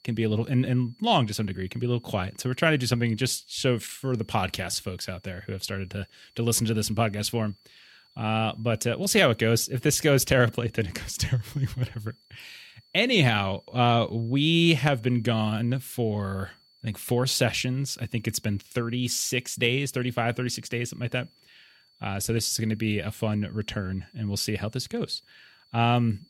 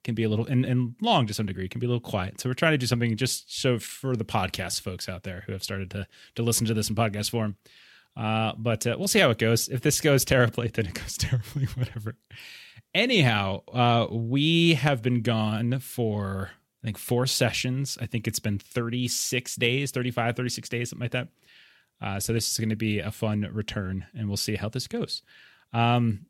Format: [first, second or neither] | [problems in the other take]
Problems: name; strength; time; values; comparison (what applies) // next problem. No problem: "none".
second | high-pitched whine; faint; throughout; 4.5 kHz, 35 dB below the speech